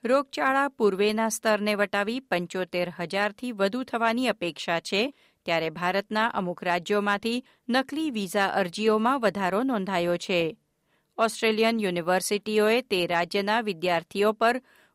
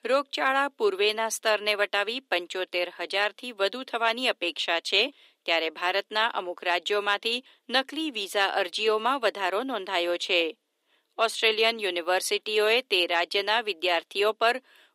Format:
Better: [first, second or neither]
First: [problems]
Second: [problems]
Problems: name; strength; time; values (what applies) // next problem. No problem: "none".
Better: first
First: none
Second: thin; somewhat; fading below 300 Hz